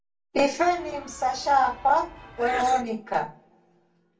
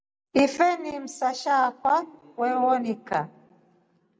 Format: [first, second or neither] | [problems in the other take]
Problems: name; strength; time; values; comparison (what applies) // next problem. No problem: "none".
second | background sound (Sneeze / Church bell); 14 dB below the speech // room echo; dies away in 0.3 s